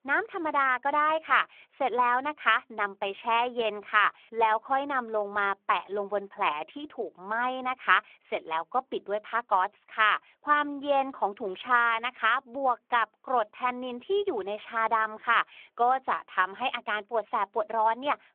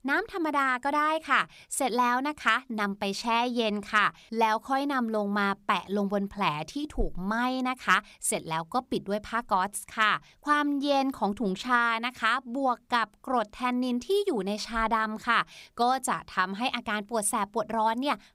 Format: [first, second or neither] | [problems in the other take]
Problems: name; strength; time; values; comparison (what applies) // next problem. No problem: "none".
second | phone-call audio